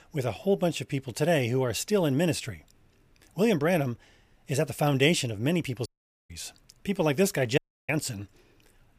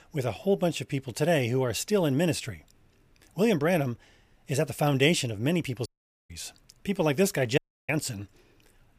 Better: neither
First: audio cutting out; at 6 s and at 7.5 s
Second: audio cutting out; at 6 s and at 7.5 s

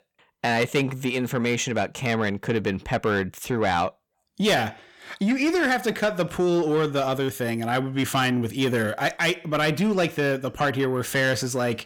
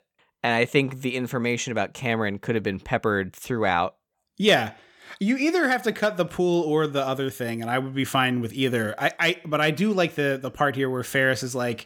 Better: second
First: distortion; slight; 10 dB below the speech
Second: none

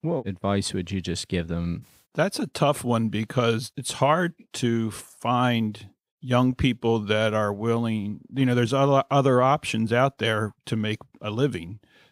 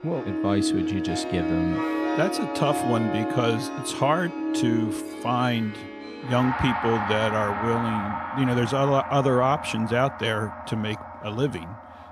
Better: first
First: none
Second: background music; loud; throughout; 3 dB below the speech

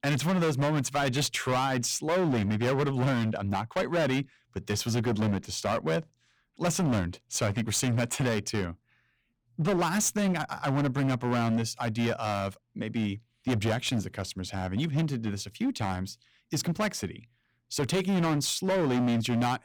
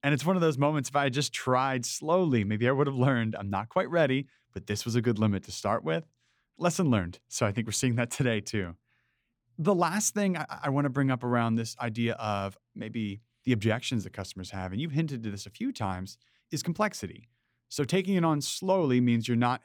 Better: second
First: distortion; heavy; 17% of the sound clipped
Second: none

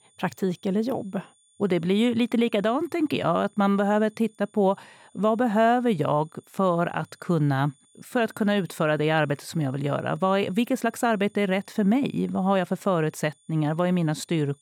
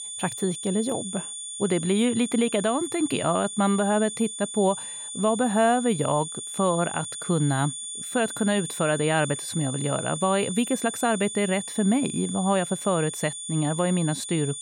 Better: first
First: high-pitched whine; faint; throughout; 9 kHz, 35 dB below the speech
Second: high-pitched whine; loud; throughout; 9 kHz, 7 dB below the speech

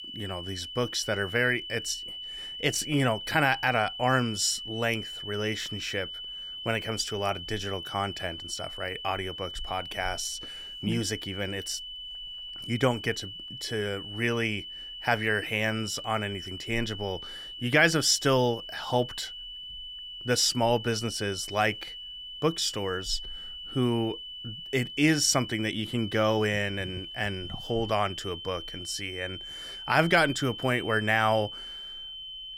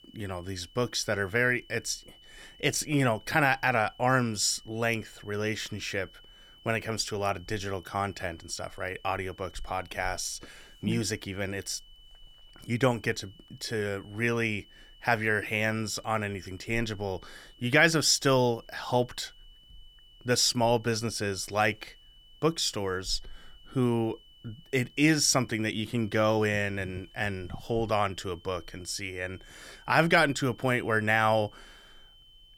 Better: second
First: high-pitched whine; loud; throughout; 3 kHz, 9 dB below the speech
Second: high-pitched whine; faint; throughout; 3 kHz, 25 dB below the speech

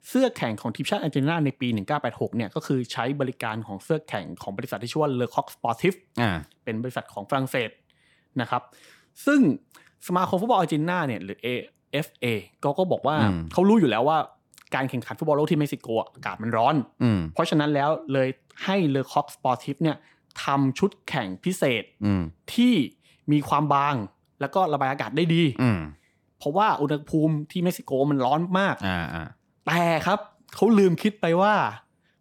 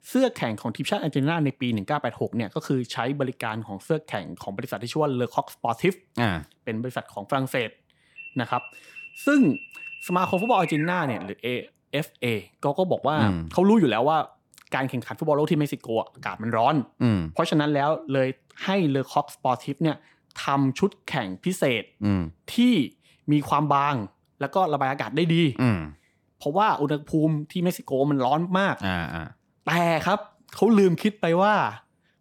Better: first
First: none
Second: alarm; noticeable; from 8 to 11 s; peak 7 dB below the speech

